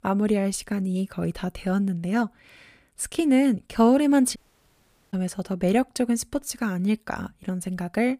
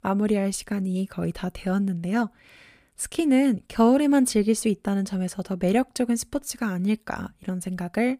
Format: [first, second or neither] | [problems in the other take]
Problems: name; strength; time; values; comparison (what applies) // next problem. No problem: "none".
second | audio cutting out; at 4.5 s for 1 s